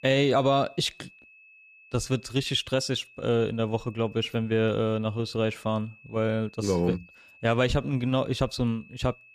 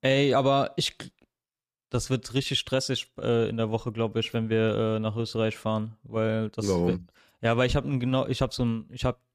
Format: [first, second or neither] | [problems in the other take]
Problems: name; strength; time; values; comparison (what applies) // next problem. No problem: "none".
second | high-pitched whine; faint; throughout; 2.5 kHz, 25 dB below the speech